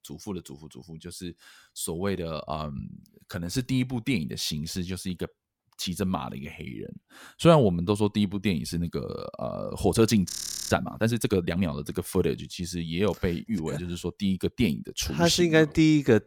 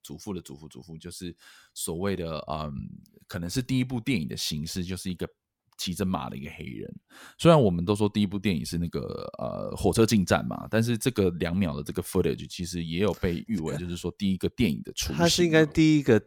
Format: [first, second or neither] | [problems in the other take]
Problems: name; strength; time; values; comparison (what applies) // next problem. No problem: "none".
second | audio freezing; at 10 s